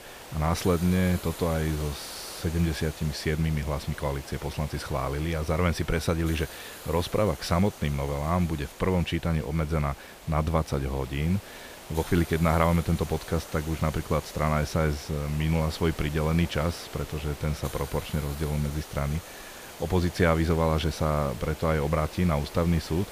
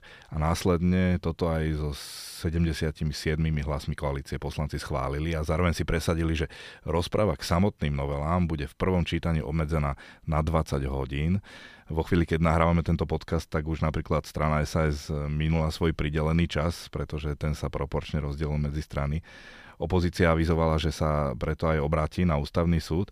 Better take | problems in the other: second | hiss; noticeable; throughout; 15 dB below the speech

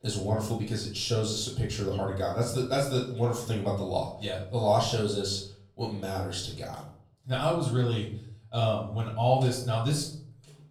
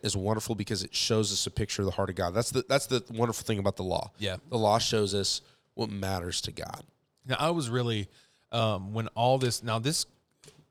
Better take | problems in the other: second | off-mic speech; far // room echo; noticeable; dies away in 0.5 s

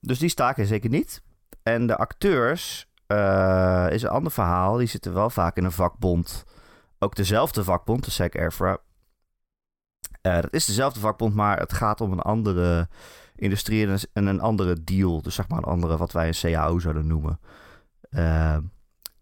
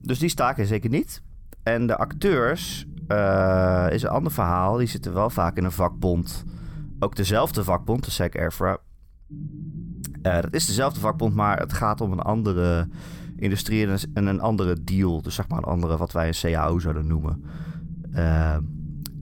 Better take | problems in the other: first | low rumble; faint; throughout; 20 dB below the speech

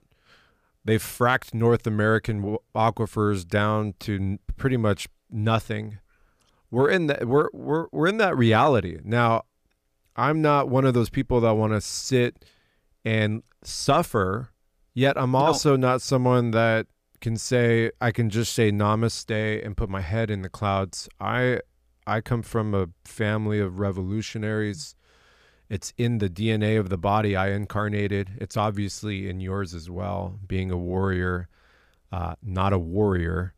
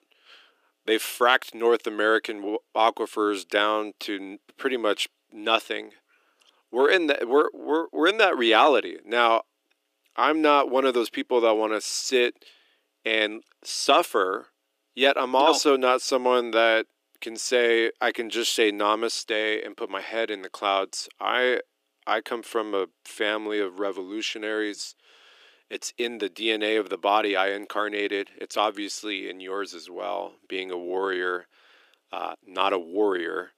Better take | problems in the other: first | thin; somewhat; fading below 300 Hz

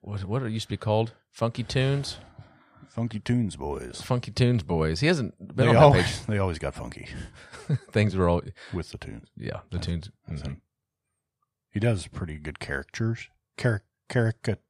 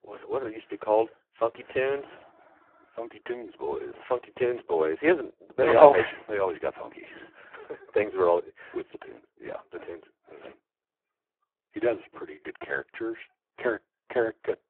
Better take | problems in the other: first | phone-call audio; poor line

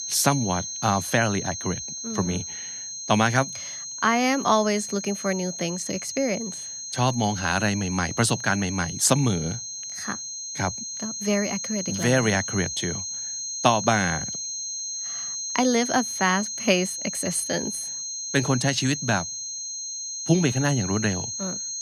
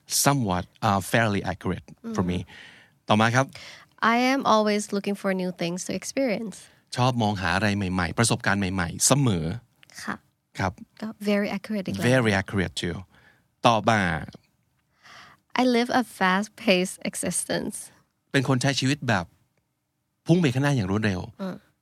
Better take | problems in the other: second | high-pitched whine; loud; throughout; 6.5 kHz, 5 dB below the speech

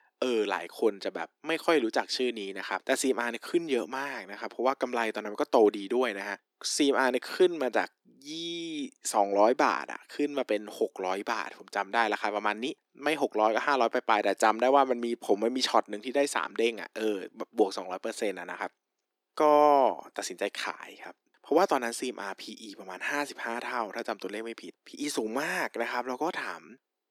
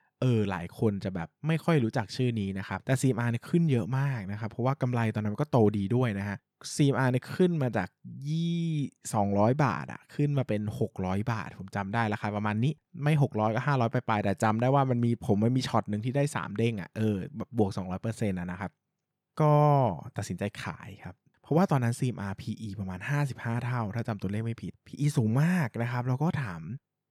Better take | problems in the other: second | thin; somewhat; fading below 300 Hz

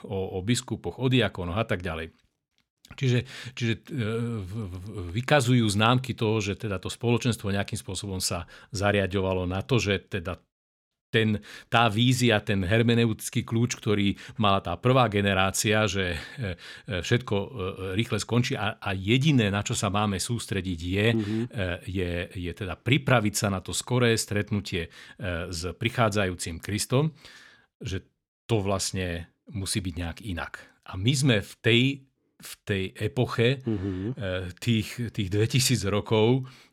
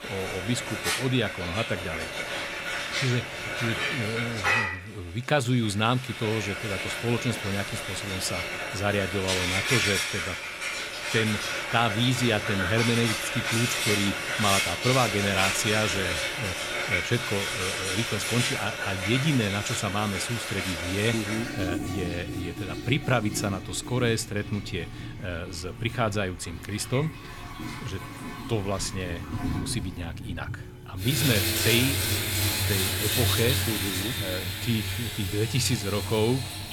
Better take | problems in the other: first | household noises; very loud; throughout; as loud as the speech

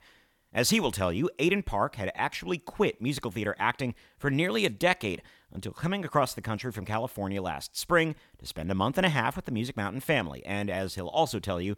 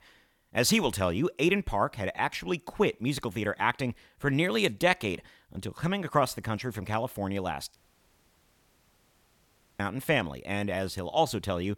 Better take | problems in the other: first | audio cutting out; at 8 s for 2 s

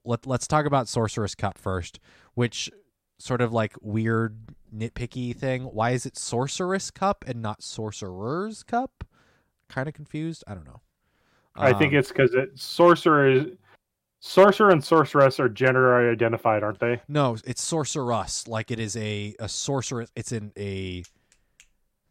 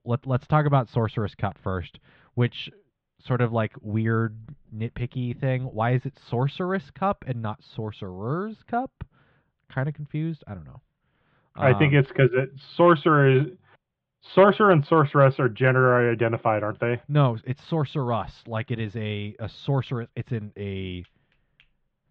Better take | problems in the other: first | muffled; very; fading above 3.5 kHz

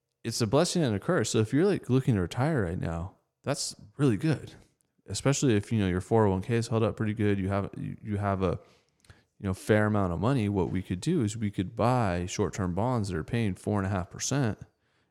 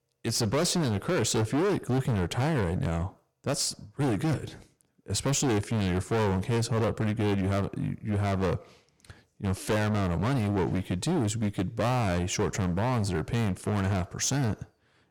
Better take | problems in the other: first | distortion; heavy; 22% of the sound clipped

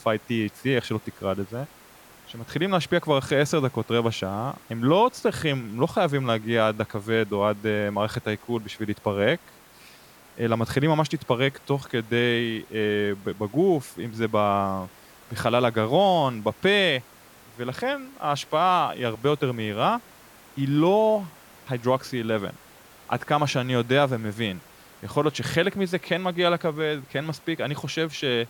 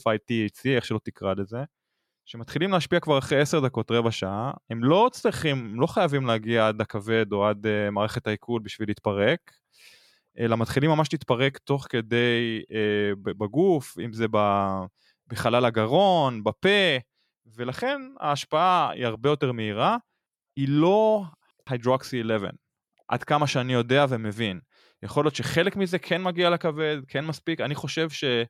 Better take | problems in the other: second | hiss; faint; throughout; 25 dB below the speech

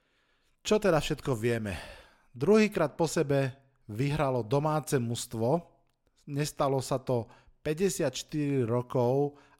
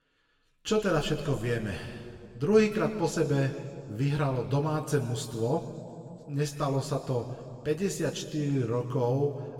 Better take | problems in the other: first | room echo; slight; dies away in 1.9 s // off-mic speech; somewhat distant

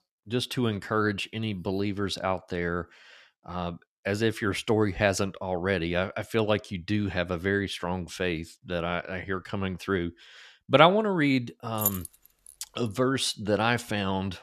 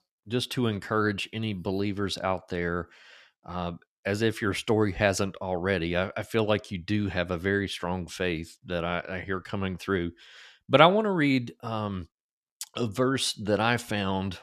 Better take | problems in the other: second | jangling keys; noticeable; at 12 s; peak level with the speech

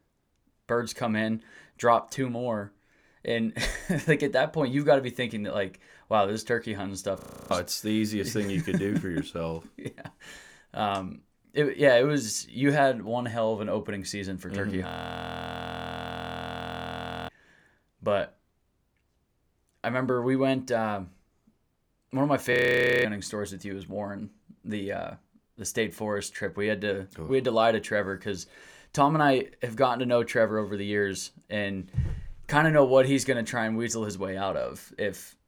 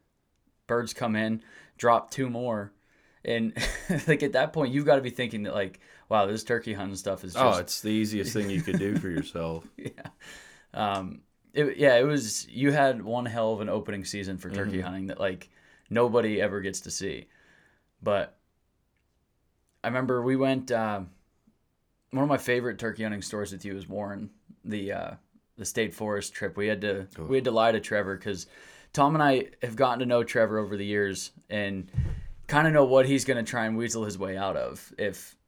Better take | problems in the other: second | audio freezing; at 7 s, at 15 s for 2.5 s and at 23 s for 0.5 s

